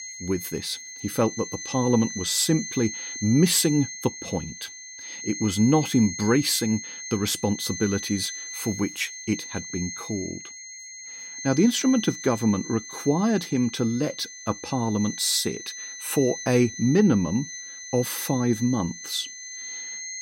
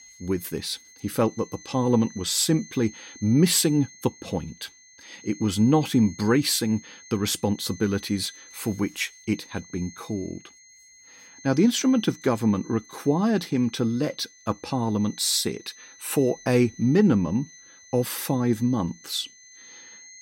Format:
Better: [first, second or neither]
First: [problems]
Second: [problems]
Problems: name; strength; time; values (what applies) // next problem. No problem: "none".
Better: second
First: high-pitched whine; loud; throughout; 6.5 kHz, 10 dB below the speech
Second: high-pitched whine; faint; throughout; 6.5 kHz, 20 dB below the speech